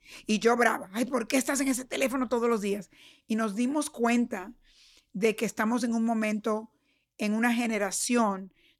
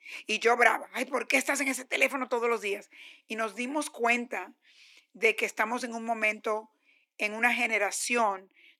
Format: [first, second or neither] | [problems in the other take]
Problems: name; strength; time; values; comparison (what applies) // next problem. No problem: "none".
first | thin; somewhat; fading below 300 Hz